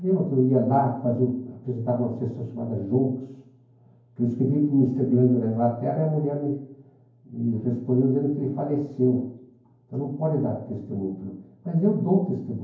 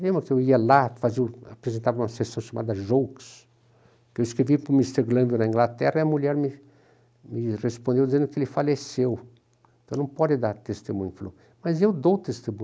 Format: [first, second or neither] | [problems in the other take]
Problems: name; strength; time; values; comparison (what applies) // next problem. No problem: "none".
second | room echo; dies away in 0.9 s